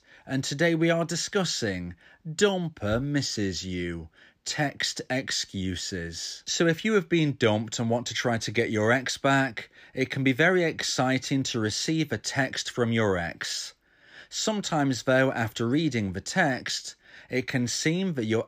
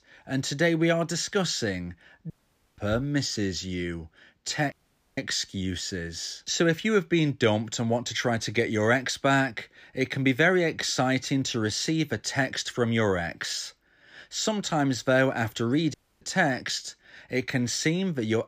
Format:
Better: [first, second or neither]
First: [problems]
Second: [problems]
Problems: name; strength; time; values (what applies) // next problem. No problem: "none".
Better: first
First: none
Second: audio cutting out; at 2.5 s, at 4.5 s and at 16 s